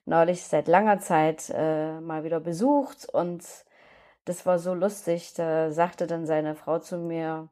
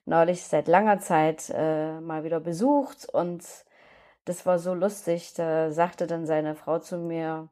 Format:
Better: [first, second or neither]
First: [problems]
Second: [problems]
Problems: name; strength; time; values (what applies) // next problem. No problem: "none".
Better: neither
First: none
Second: none